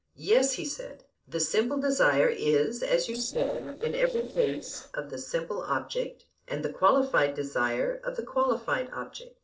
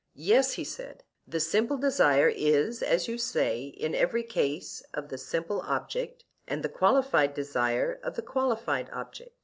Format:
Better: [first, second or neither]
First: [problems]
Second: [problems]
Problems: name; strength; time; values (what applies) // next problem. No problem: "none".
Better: second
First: noise reduction (neural separator model SepFormer DNS4)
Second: none